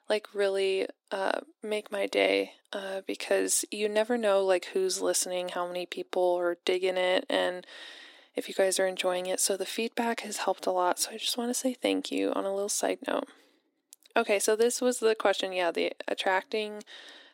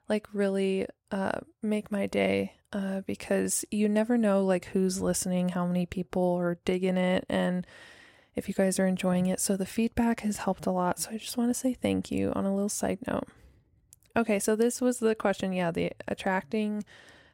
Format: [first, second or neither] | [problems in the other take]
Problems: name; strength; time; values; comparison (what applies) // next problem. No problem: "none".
second | thin; somewhat; fading below 300 Hz